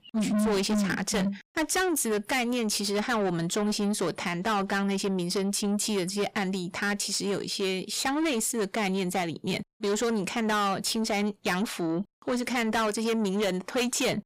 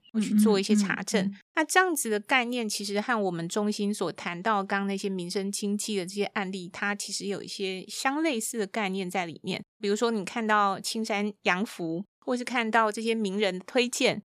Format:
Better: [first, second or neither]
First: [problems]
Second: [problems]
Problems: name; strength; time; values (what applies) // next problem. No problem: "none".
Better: second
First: distortion; heavy; 6 dB below the speech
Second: none